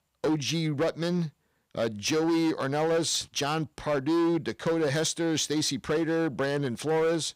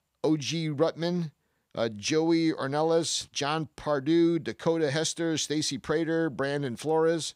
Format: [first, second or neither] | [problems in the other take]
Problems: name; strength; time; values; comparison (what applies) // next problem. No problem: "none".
second | distortion; slight; 14% of the sound clipped